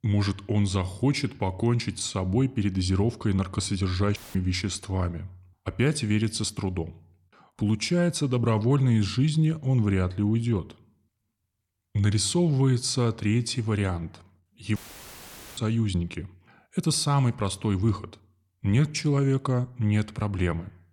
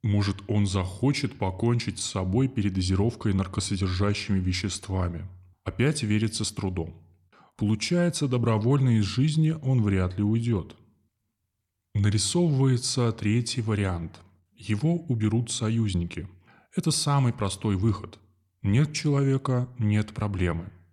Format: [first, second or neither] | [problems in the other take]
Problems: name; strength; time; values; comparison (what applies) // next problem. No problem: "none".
second | audio cutting out; filled with static; at 4 s and at 15 s for 1 s